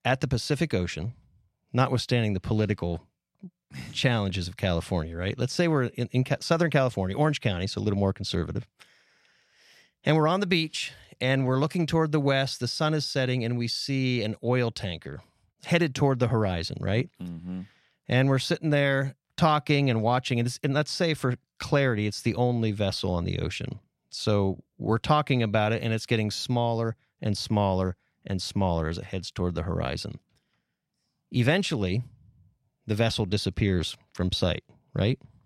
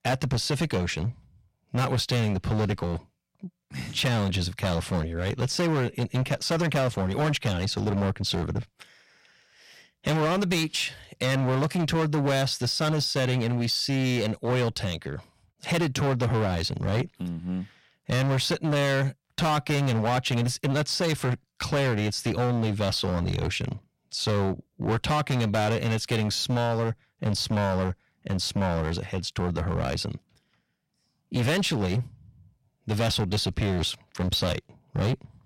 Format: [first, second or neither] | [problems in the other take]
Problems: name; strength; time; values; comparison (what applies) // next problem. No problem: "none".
first | distortion; heavy; 17% of the sound clipped